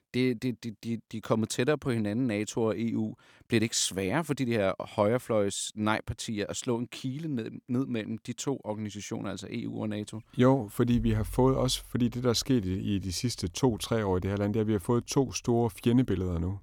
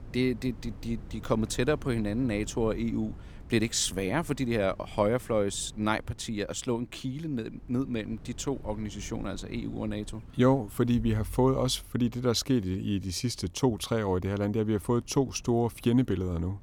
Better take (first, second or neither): first